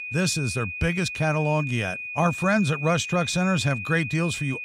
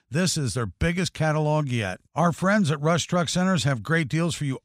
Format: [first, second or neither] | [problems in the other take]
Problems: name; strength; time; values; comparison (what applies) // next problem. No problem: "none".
second | high-pitched whine; loud; throughout; 2.5 kHz, 7 dB below the speech